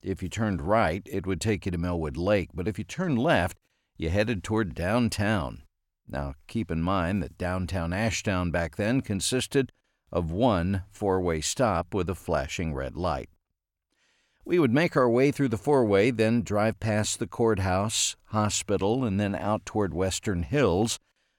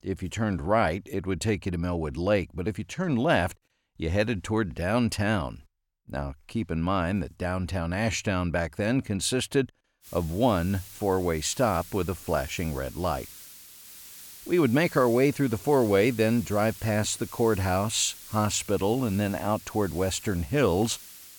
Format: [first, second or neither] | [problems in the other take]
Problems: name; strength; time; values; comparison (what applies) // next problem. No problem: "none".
first | hiss; noticeable; from 10 s on; 15 dB below the speech